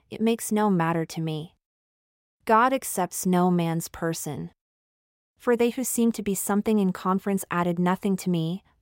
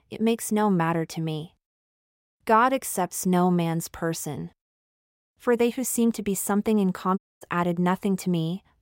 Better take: first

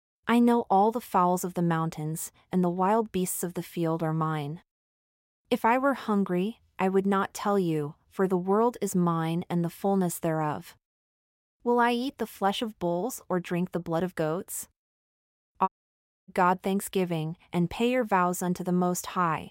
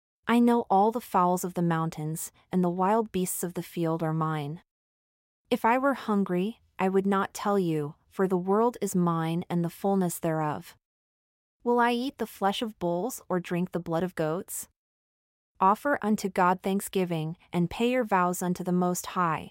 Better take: second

